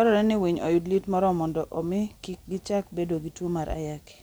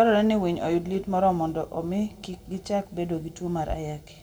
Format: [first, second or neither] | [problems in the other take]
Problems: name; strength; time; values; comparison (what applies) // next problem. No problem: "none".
first | room echo; dies away in 1.1 s